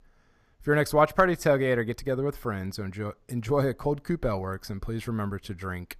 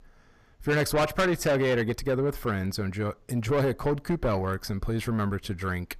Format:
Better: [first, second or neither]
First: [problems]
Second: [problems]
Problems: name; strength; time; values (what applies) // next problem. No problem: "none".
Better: first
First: none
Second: distortion; heavy; 7 dB below the speech